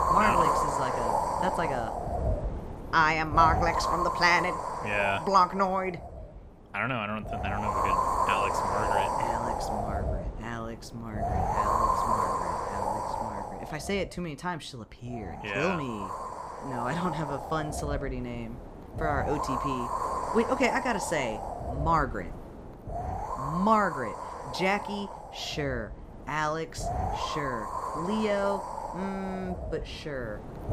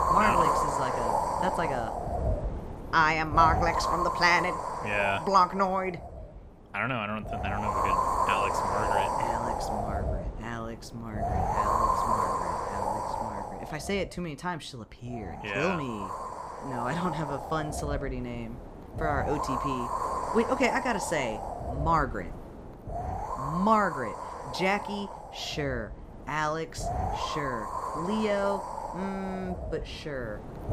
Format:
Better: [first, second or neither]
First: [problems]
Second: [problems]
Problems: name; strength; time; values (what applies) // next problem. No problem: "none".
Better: neither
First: wind noise on the microphone; heavy; 1 dB below the speech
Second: wind noise on the microphone; heavy; 1 dB below the speech